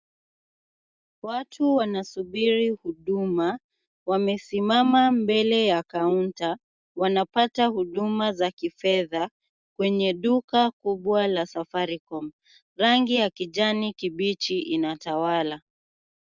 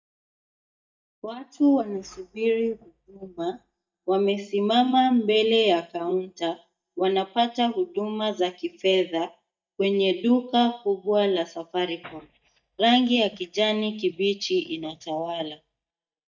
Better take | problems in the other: first | noise reduction (neural mask model DeepFilterNet 3)

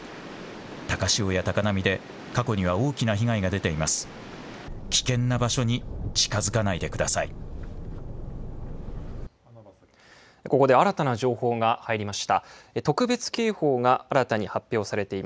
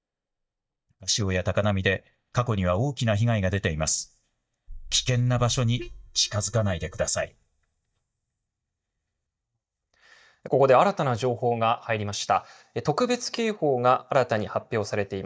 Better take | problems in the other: first | noise reduction (neural mask model DeepFilterNet 3)

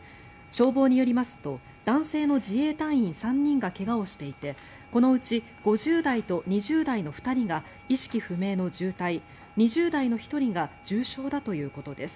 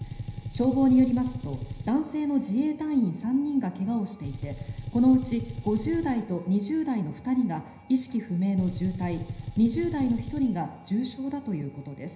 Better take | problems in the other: first | background sound (Gunshot, gunfire); 11 dB below the speech // room echo; dies away in 0.9 s

